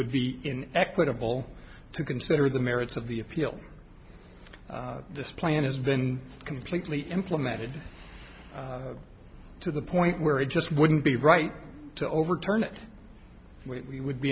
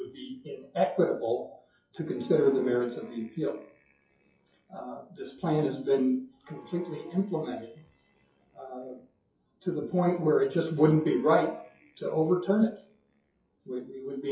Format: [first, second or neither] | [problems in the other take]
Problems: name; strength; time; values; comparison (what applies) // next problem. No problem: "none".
first | noise reduction (classical method WPE with log-MMSE)